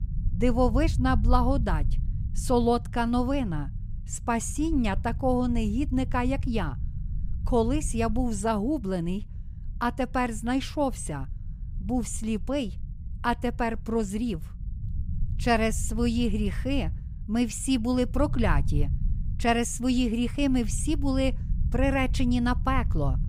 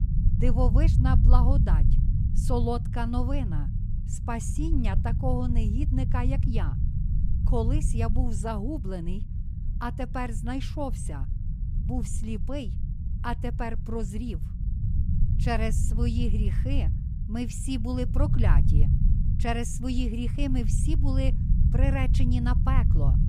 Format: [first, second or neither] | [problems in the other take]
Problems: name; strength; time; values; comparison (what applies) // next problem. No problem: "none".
first | low rumble; loud; throughout; 8 dB below the speech; faint in the first